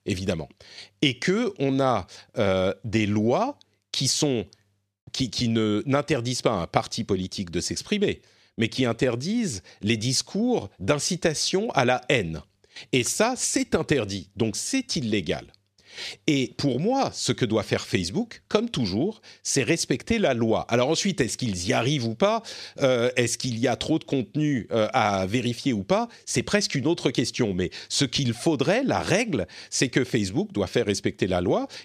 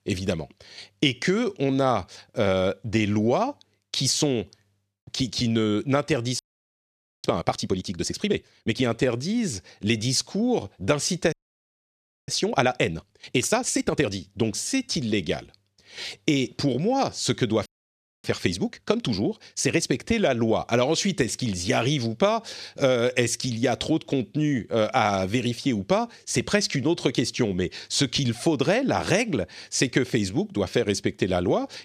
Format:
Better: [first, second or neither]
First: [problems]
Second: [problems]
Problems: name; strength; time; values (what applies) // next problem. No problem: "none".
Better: first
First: none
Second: audio freezing; at 6.5 s for 1 s, at 11 s for 1 s and at 18 s for 0.5 s